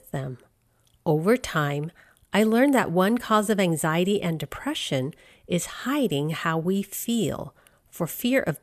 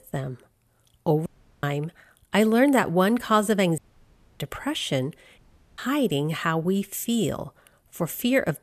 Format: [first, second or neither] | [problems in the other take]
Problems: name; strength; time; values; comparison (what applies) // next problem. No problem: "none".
first | audio cutting out; at 1.5 s, at 4 s for 0.5 s and at 5.5 s